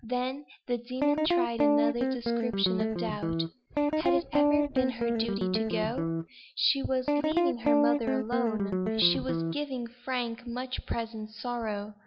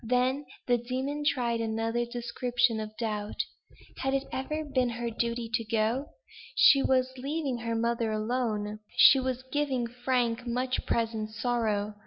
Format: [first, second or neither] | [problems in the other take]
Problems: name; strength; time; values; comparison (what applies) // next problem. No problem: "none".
second | background sound (Guitar); 4 dB above the speech